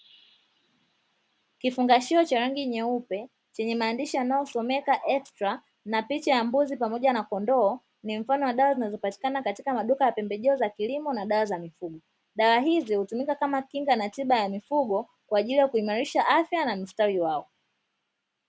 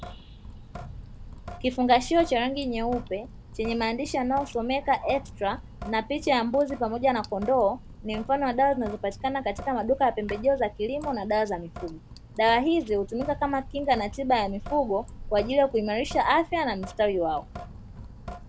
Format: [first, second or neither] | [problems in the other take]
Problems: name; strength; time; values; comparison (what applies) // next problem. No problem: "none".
first | background sound (Drip / Sink (filling or washing)); 14 dB below the speech